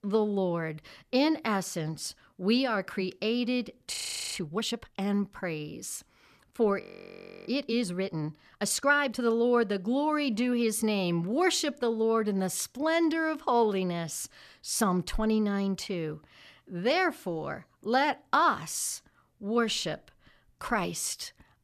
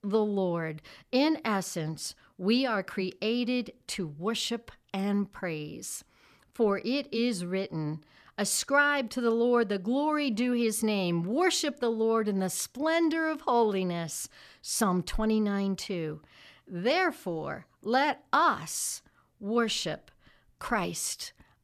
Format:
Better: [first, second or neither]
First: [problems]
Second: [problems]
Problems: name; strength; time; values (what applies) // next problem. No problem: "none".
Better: second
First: audio freezing; at 4 s and at 7 s for 0.5 s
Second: none